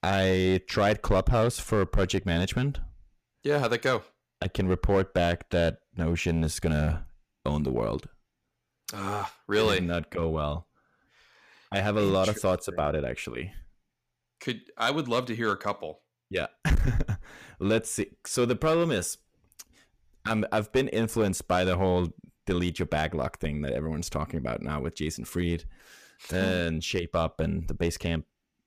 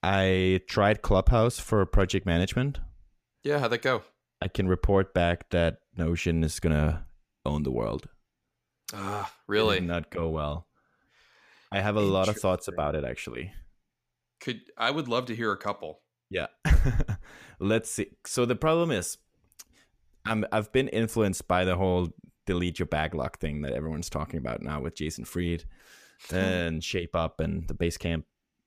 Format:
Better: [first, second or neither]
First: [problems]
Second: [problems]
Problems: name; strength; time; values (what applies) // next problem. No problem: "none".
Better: second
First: distortion; slight; 3% of the sound clipped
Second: none